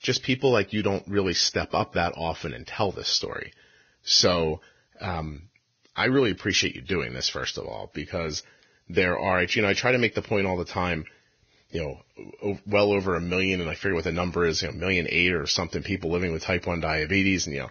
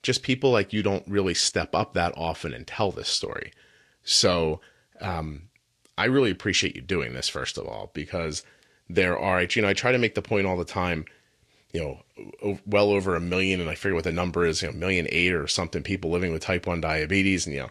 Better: second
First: garbled, watery; badly; nothing above 6.5 kHz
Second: garbled, watery; slightly

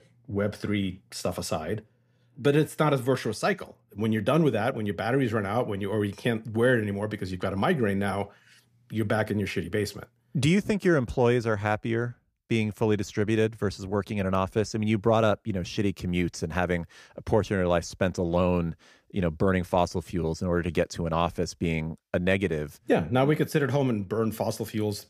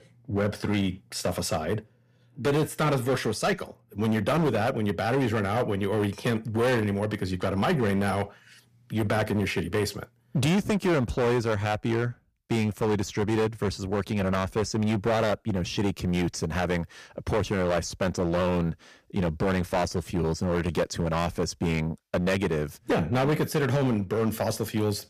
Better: first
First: none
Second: distortion; heavy; 13% of the sound clipped

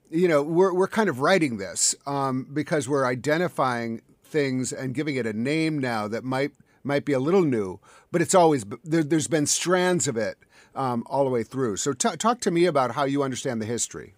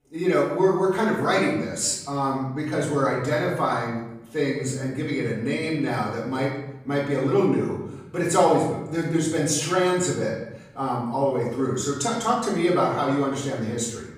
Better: first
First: none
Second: off-mic speech; far // room echo; noticeable; dies away in 0.8 s

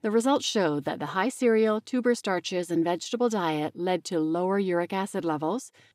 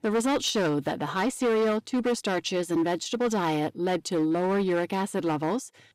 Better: first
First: none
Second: distortion; slight; 13% of the sound clipped

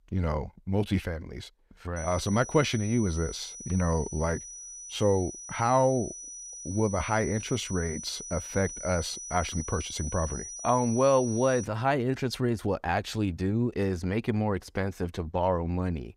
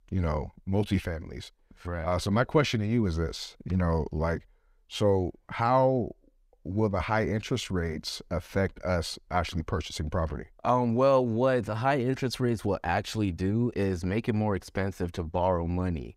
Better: second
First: high-pitched whine; loud; from 2 to 12 s; 6 kHz, 10 dB below the speech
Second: none

